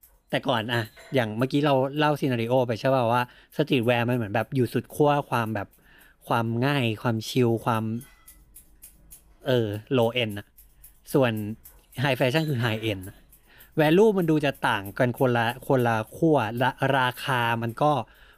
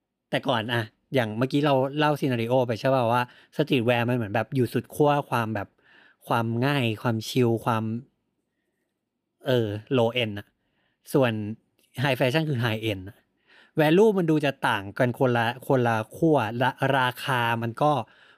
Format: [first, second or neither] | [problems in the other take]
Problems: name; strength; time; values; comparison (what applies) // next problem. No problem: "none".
second | household noises; faint; throughout; 25 dB below the speech